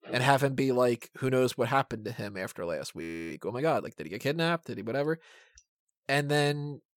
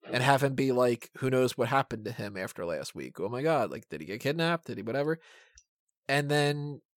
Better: second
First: audio freezing; at 3 s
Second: none

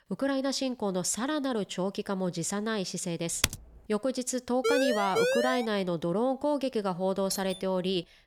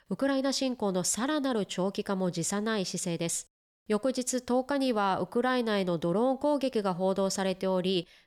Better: second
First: keyboard typing; loud; at 3.5 s; peak level with the speech // siren; loud; from 4.5 to 5.5 s; peak 3 dB above the speech // doorbell; noticeable; at 7.5 s; peak 8 dB below the speech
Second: none

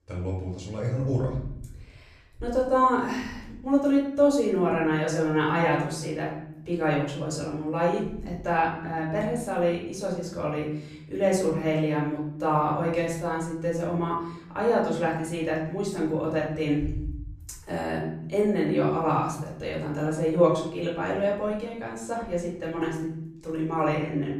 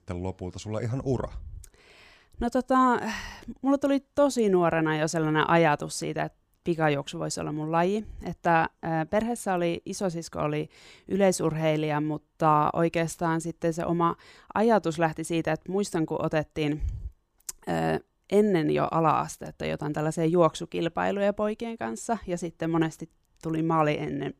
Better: second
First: off-mic speech; far // room echo; noticeable; dies away in 0.9 s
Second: none

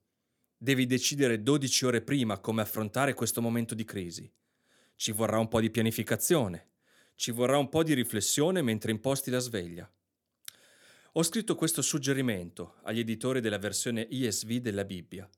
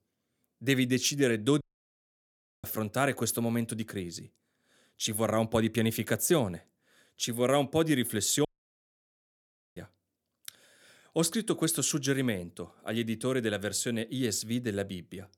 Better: first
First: none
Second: audio cutting out; at 1.5 s for 1 s and at 8.5 s for 1.5 s

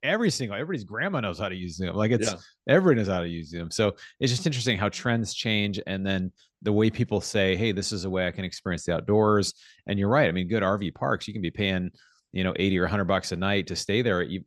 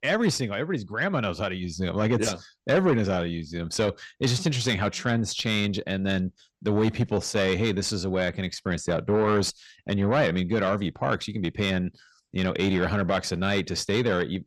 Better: first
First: none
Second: distortion; slight; 10 dB below the speech

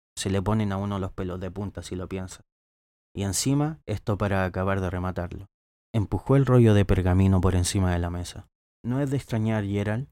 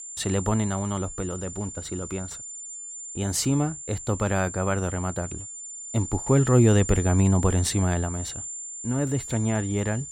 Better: first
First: none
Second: high-pitched whine; loud; throughout; 7 kHz, 9 dB below the speech

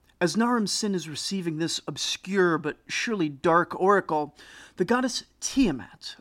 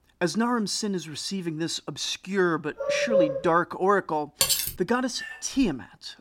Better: first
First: none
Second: dog barking; loud; at 3 s; peak 4 dB above the speech // clattering dishes; loud; at 4.5 s; peak 5 dB above the speech // clattering dishes; faint; at 5 s; peak 10 dB below the speech

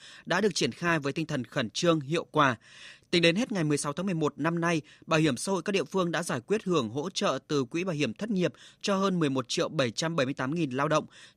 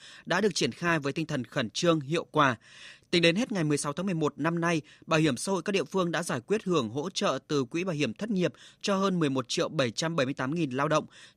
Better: neither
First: none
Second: none

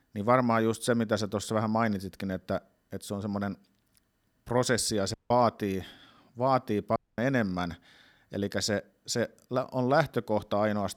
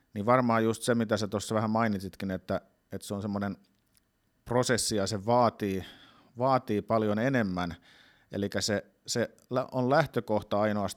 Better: second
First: audio cutting out; at 5 s and at 7 s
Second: none

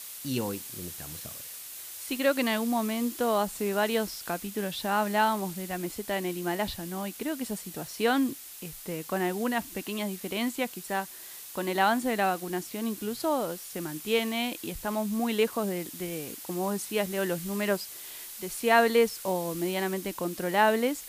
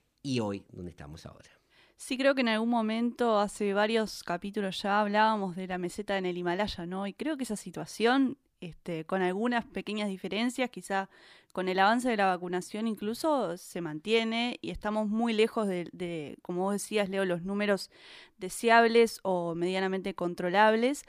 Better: second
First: hiss; noticeable; throughout; 10 dB below the speech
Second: none

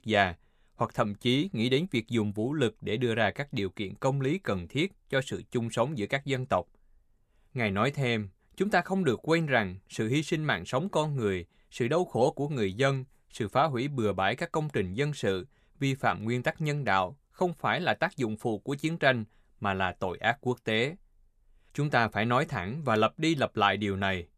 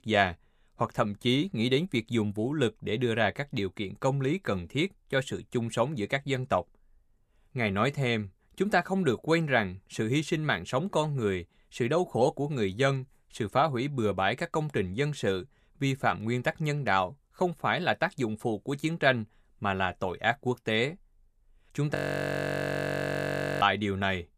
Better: first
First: none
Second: audio freezing; at 22 s for 1.5 s

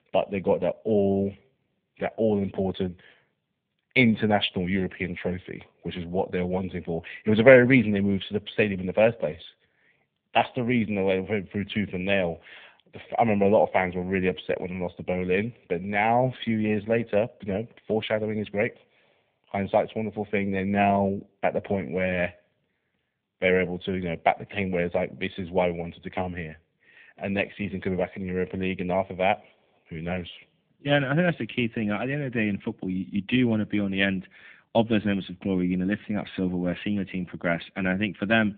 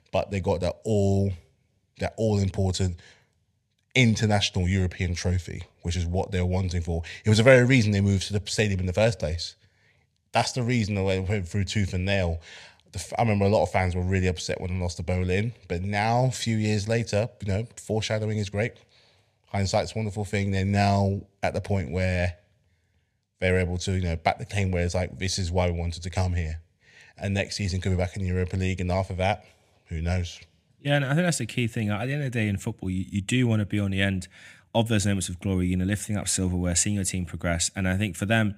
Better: second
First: phone-call audio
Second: none

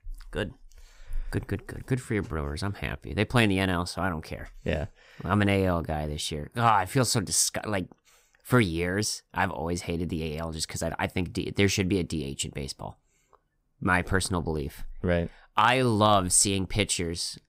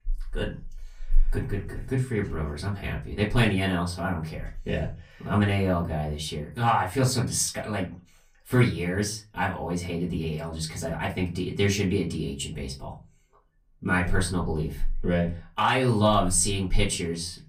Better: first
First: none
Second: off-mic speech; far // room echo; very slight; dies away in 0.3 s

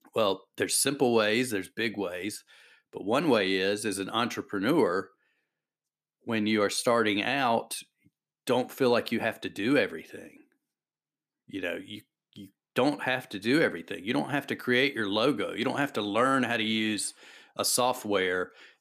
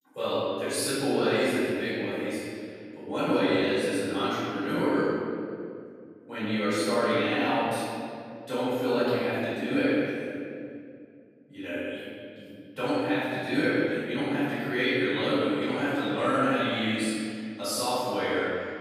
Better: first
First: none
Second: room echo; strong; dies away in 2.3 s // off-mic speech; far

